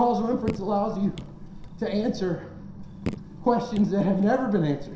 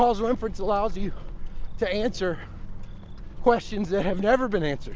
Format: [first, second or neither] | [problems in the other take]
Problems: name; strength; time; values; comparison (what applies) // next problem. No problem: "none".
second | background sound (Raindrop / Drip); 13 dB below the speech // room echo; dies away in 0.7 s